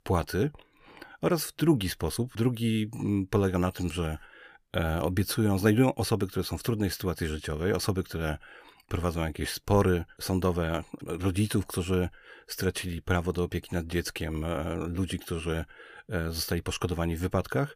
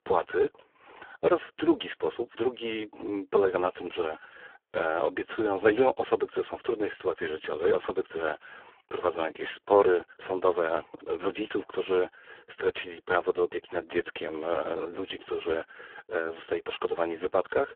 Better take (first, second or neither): first